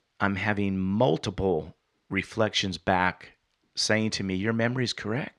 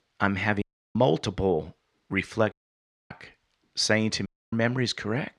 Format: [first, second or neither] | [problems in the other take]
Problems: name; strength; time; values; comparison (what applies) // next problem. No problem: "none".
first | audio cutting out; at 0.5 s, at 2.5 s for 0.5 s and at 4.5 s